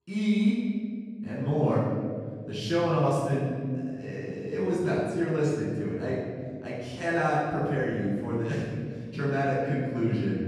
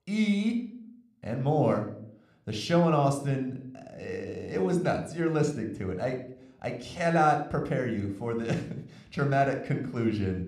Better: second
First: room echo; strong; dies away in 2.1 s // off-mic speech; far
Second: room echo; slight; dies away in 0.5 s

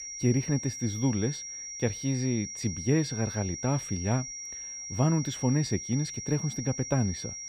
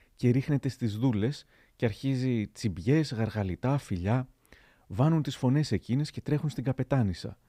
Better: second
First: high-pitched whine; loud; throughout; 5.5 kHz, 7 dB below the speech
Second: none

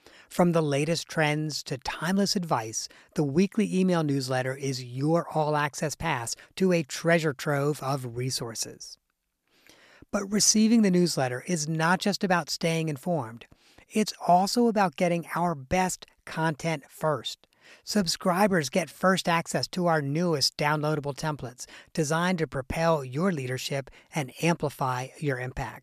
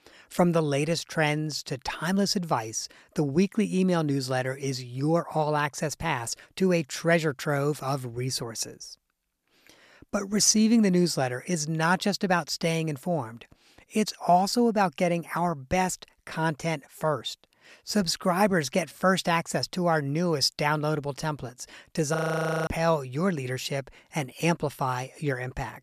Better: first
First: none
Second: audio freezing; at 22 s for 0.5 s

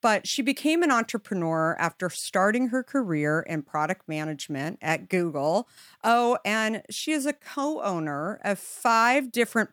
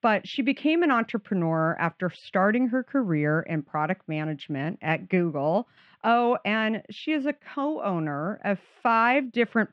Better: first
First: none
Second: muffled; very; fading above 3 kHz

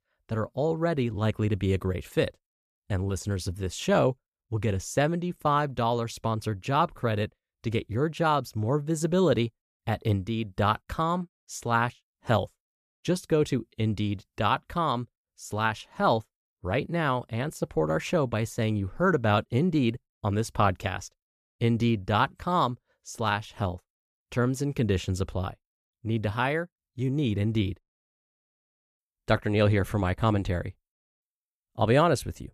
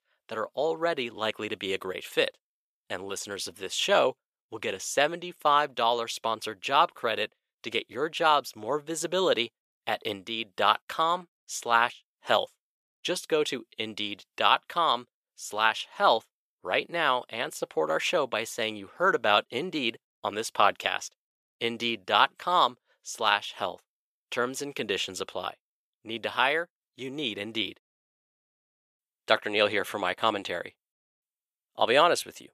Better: first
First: none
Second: thin; very; fading below 500 Hz

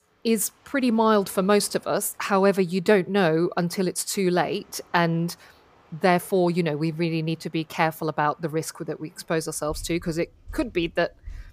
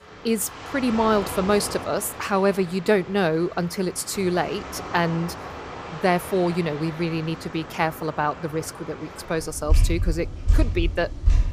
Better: first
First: rain or running water; faint; throughout; 30 dB below the speech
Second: rain or running water; loud; throughout; 6 dB below the speech

